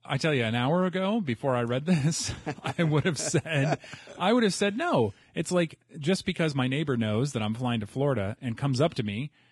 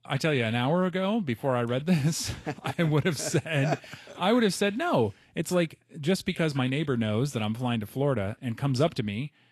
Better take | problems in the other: second | garbled, watery; badly; nothing above 10.5 kHz; slightly in the second

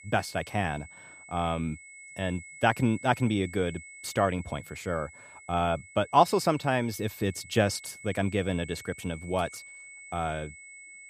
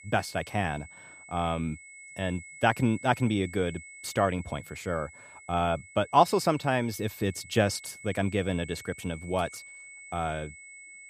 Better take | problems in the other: neither | high-pitched whine; noticeable; throughout; 2 kHz, 15 dB below the speech; the same in both

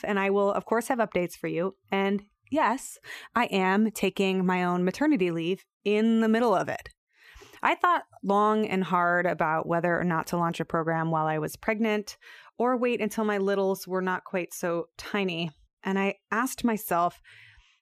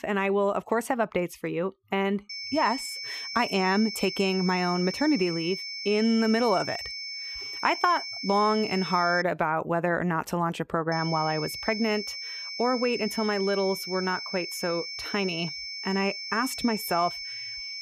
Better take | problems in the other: first | high-pitched whine; loud; from 2.5 to 9 s and from 11 s on; 5.5 kHz, 7 dB below the speech

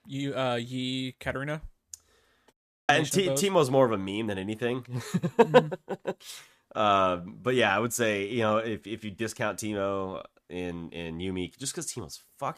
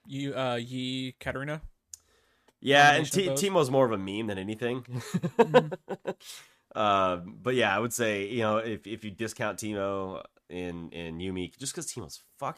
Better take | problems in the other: second | audio cutting out; at 2.5 s

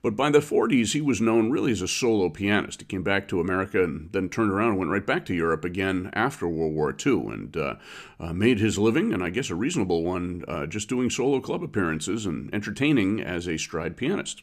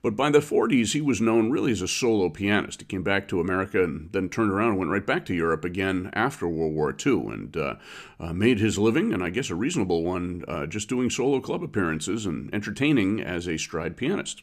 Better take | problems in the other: neither | none

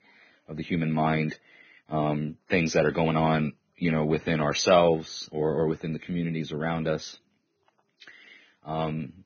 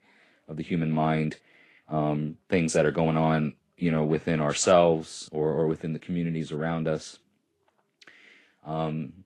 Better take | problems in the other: second | garbled, watery; badly; nothing above 6.5 kHz; slightly in the second

